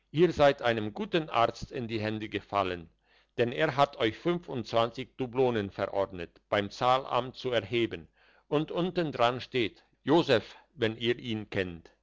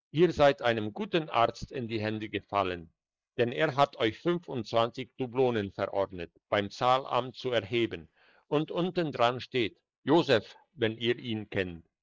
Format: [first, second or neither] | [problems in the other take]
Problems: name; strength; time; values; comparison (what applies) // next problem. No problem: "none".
first | noise reduction (neural mask model Resemble Enhance denoiser)